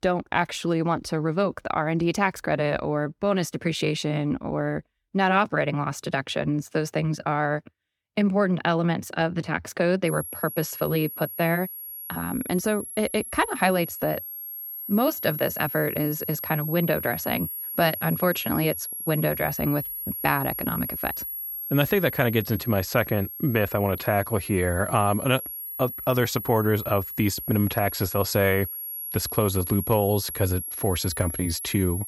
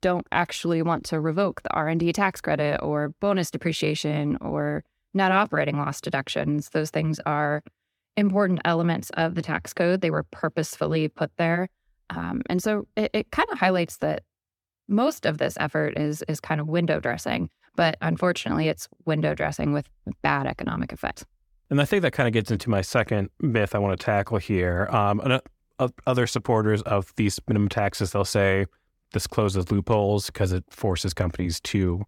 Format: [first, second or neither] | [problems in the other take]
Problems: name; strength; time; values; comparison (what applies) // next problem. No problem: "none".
second | high-pitched whine; loud; from 10 s on; 11.5 kHz, 6 dB below the speech